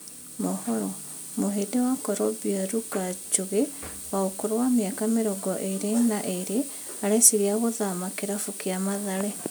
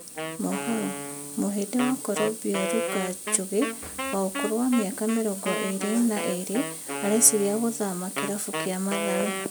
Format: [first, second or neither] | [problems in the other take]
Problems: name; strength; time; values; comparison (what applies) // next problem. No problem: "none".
first | background sound (Wind instrument, woodwind instrument); 7 dB below the speech